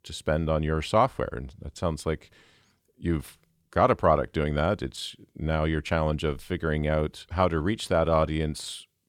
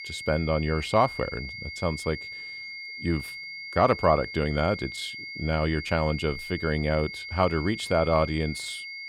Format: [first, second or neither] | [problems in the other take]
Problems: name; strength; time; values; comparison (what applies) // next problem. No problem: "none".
first | high-pitched whine; loud; throughout; 2 kHz, 9 dB below the speech